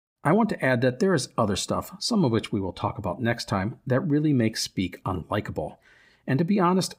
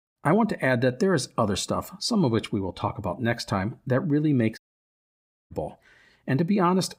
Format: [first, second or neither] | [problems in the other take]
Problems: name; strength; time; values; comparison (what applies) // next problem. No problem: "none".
first | audio cutting out; at 4.5 s for 1 s